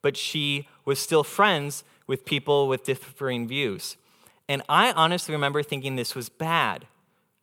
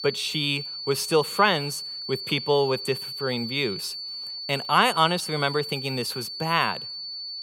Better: first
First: none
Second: high-pitched whine; loud; throughout; 4.5 kHz, 7 dB below the speech

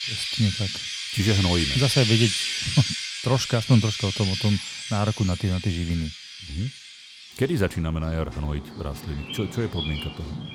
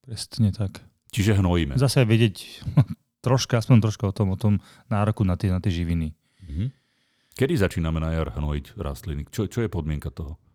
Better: second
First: animal sounds; loud; throughout; 3 dB below the speech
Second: none

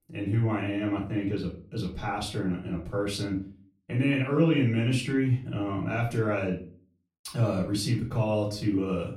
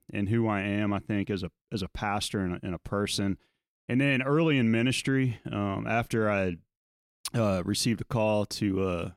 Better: second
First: off-mic speech; far // room echo; slight; dies away in 0.3 s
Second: none

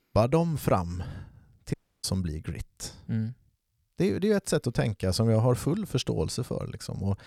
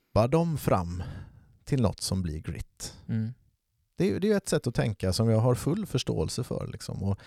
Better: second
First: audio cutting out; at 1.5 s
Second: none

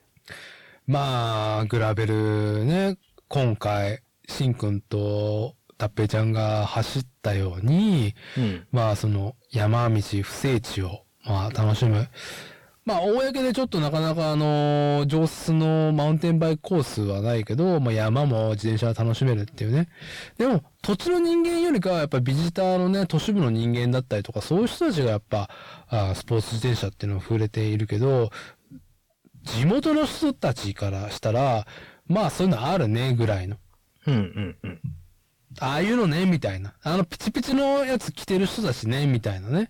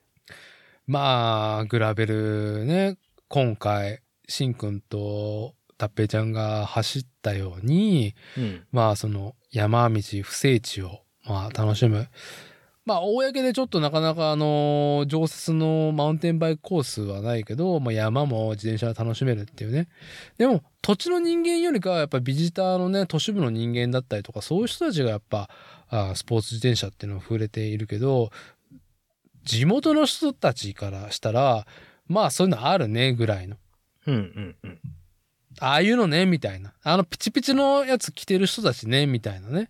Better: second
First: distortion; heavy; 7 dB below the speech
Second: none

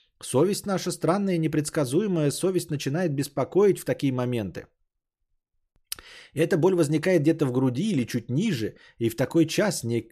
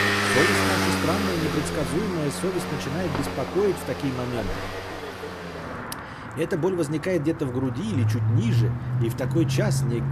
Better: first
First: none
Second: traffic noise; very loud; throughout; 1 dB above the speech

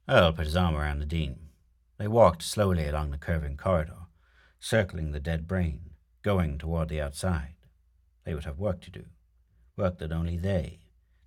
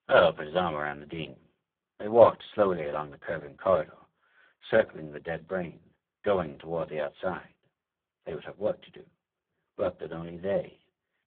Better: first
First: none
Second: phone-call audio; poor line

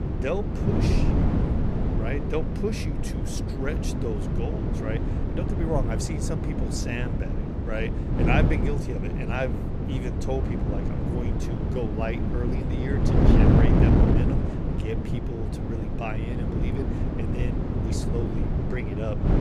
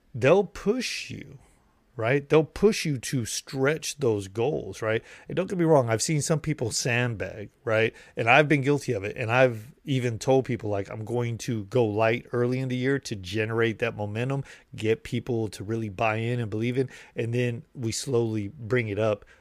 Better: second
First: wind noise on the microphone; heavy; 1 dB above the speech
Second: none

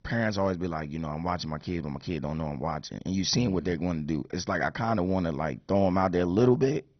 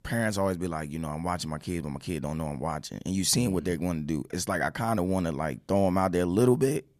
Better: second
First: garbled, watery; badly; nothing above 6 kHz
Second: none

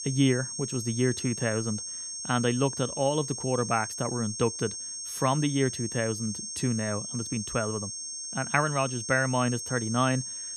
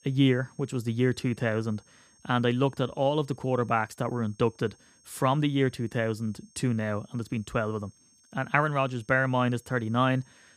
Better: second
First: high-pitched whine; loud; throughout; 6.5 kHz, 5 dB below the speech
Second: high-pitched whine; faint; throughout; 6.5 kHz, 30 dB below the speech

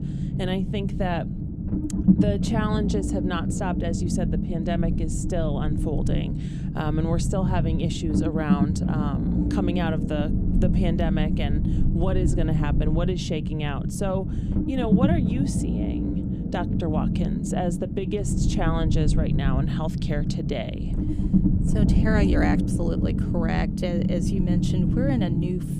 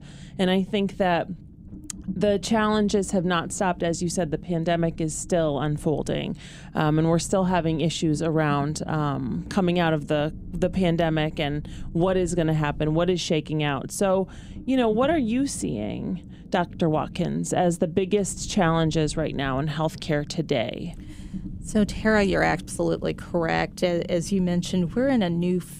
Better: second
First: low rumble; loud; throughout; 2 dB below the speech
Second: low rumble; faint; throughout; 20 dB below the speech

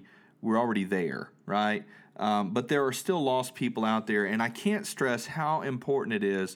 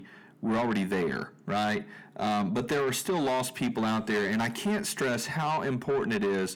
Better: first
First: none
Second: distortion; heavy; 8 dB below the speech

